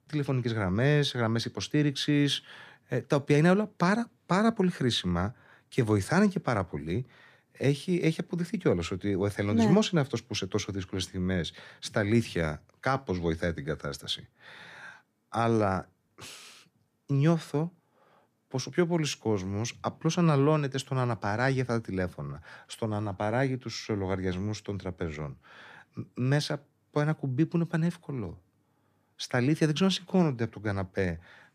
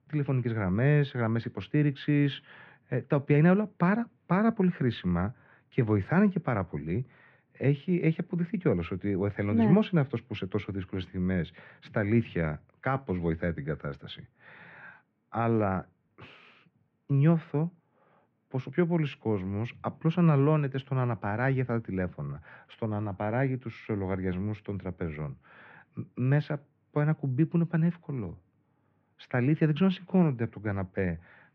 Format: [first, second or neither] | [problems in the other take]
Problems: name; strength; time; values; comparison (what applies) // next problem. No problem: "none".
first | muffled; very; fading above 2.5 kHz